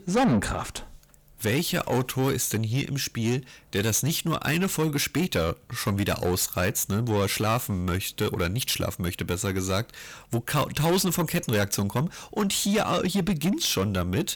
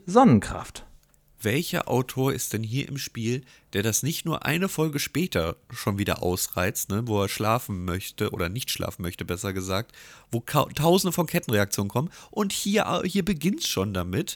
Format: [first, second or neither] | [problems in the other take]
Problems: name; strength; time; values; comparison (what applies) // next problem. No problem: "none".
second | distortion; heavy; 7 dB below the speech